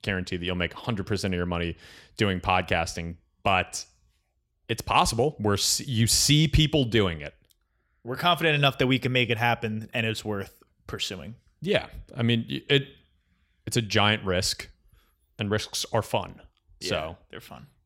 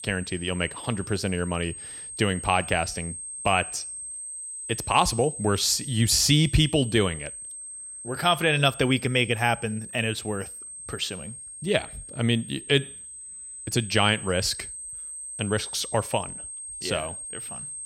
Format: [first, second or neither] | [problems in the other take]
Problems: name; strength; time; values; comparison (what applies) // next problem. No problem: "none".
first | high-pitched whine; noticeable; throughout; 8.5 kHz, 10 dB below the speech